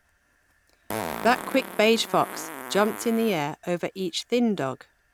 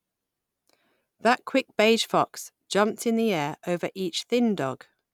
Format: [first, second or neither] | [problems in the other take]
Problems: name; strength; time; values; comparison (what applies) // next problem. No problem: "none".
second | background sound (Fart); 12 dB below the speech